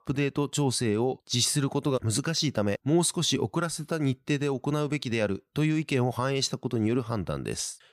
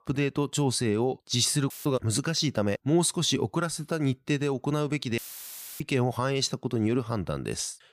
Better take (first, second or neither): first